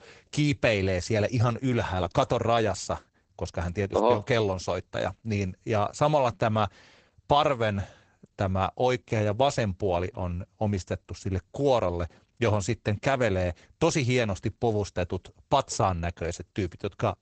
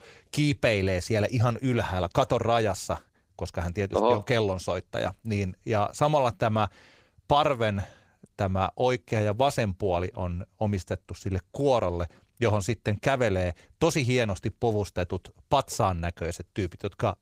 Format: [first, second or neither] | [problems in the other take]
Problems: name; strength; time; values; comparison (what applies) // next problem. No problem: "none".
second | garbled, watery; badly; nothing above 8 kHz; slightly in the second